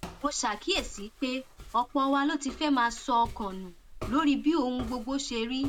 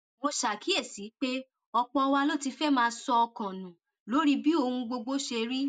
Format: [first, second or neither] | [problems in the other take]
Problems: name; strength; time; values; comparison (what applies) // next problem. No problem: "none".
second | background sound (Walk, footsteps); 15 dB below the speech